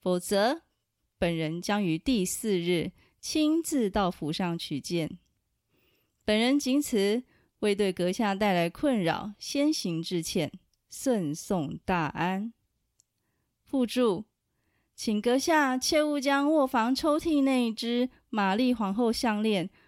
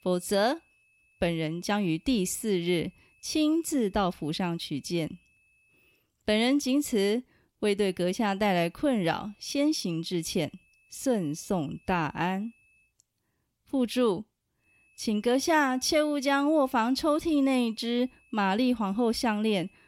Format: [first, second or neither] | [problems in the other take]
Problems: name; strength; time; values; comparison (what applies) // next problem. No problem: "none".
first | high-pitched whine; faint; until 6 s, from 8 to 13 s and from 15 s on; 2.5 kHz, 35 dB below the speech